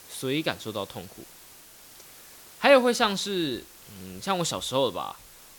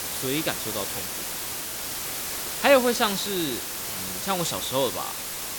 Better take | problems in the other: first | hiss; loud; throughout; 4 dB below the speech; faint in the first

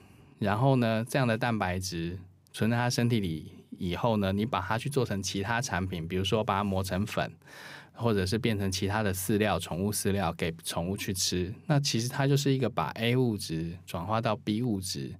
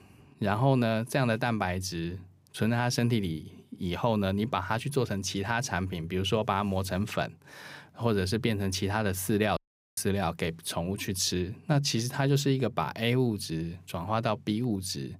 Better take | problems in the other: first | audio cutting out; at 9.5 s

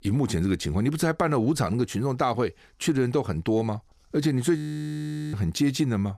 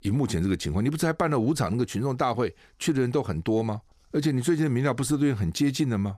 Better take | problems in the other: second | audio freezing; at 4.5 s for 1 s

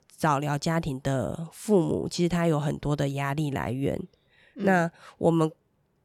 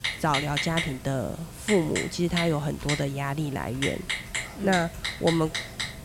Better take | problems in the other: first | keyboard typing; loud; peak level with the speech

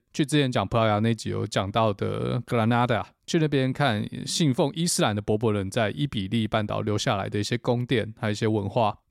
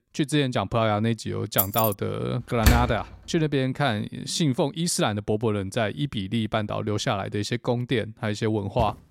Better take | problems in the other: first | jangling keys; loud; at 1.5 s; peak 2 dB above the speech // door banging; loud; at 2.5 s; peak 3 dB above the speech // footsteps; very faint; at 9 s; peak 10 dB below the speech

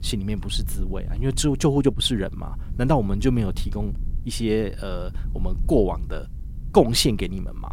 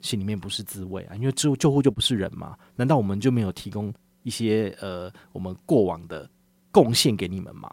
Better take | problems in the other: second | low rumble; faint; throughout; 25 dB below the speech

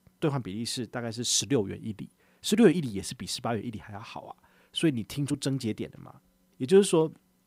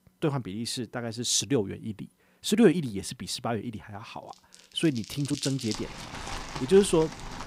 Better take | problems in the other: first | household noises; noticeable; from 5 s on; 10 dB below the speech

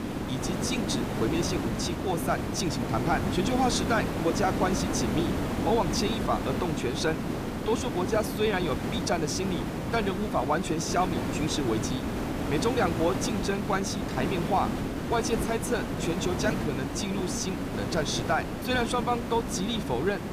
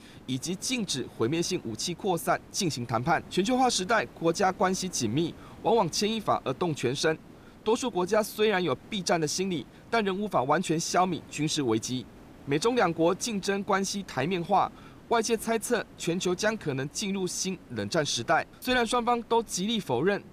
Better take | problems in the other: second | hiss; loud; throughout; 1 dB below the speech; faint in the second

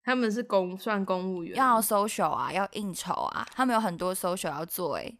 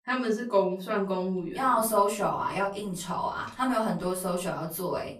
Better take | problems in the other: first | off-mic speech; far // room echo; slight; dies away in 0.3 s

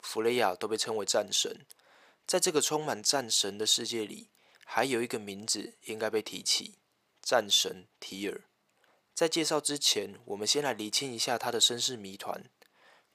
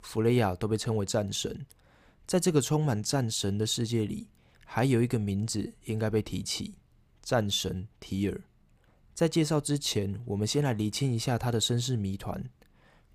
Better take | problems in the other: second | thin; very; fading below 500 Hz

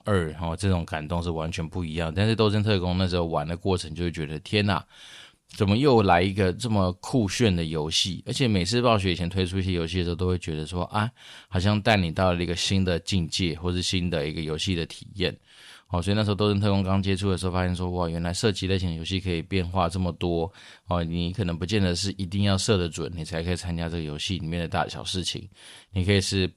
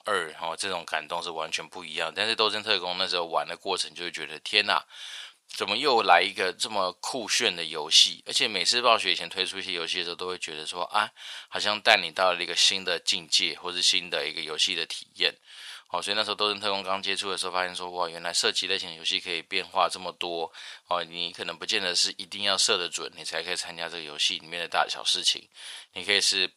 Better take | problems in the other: first | thin; very; fading below 750 Hz

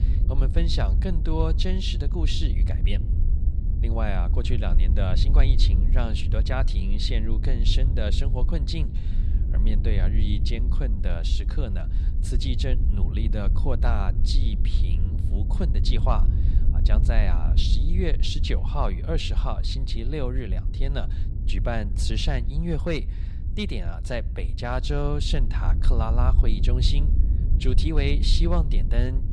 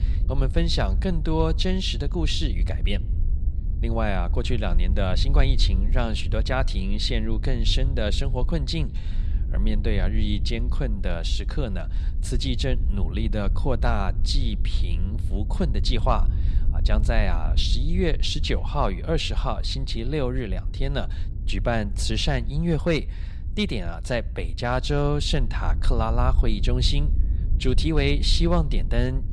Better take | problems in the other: second | wind noise on the microphone; heavy; 10 dB below the speech; occasional gusts in the second

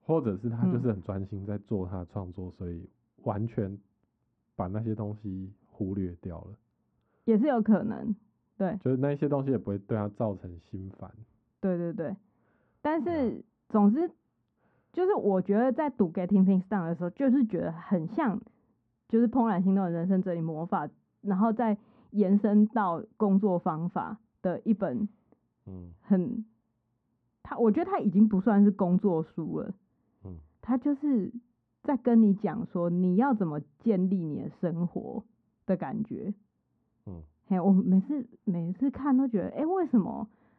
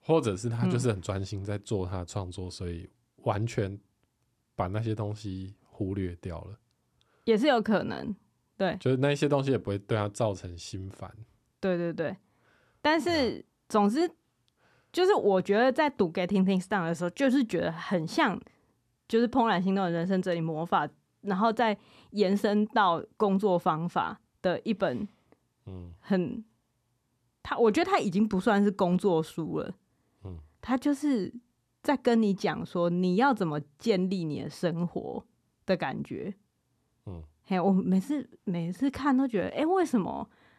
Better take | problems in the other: second | muffled; very; fading above 1 kHz

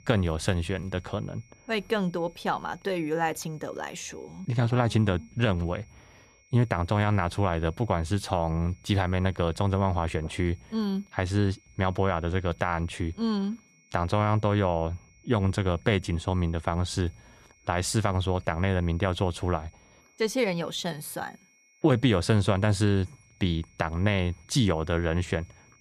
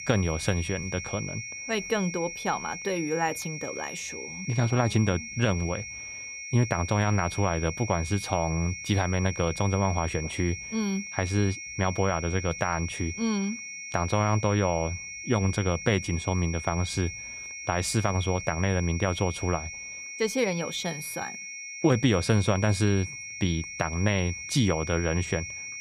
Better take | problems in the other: first | high-pitched whine; loud; throughout; 2 kHz, 8 dB below the speech; faint in the first

